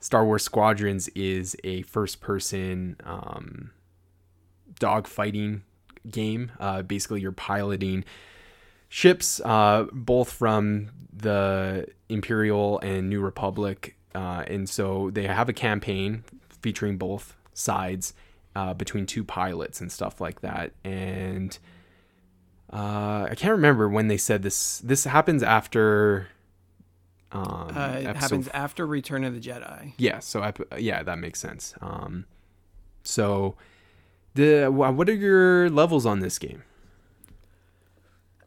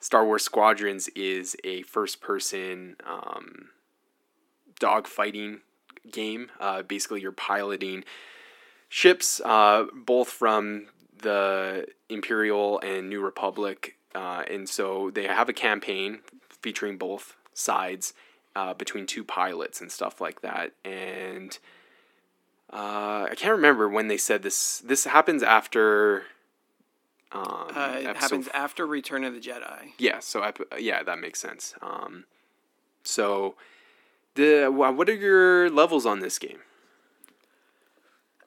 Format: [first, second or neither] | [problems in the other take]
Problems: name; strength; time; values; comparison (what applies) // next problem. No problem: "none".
first | thin; somewhat; fading below 250 Hz